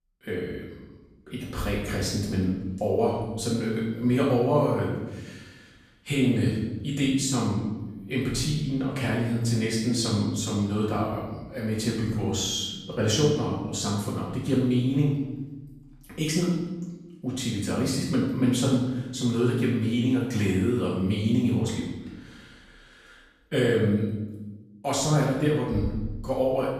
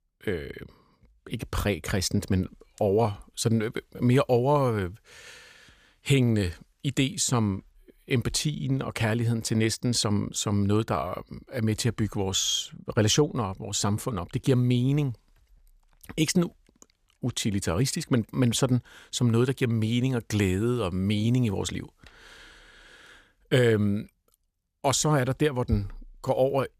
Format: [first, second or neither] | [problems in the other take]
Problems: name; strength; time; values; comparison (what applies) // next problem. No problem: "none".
second | room echo; noticeable; dies away in 1 s // off-mic speech; far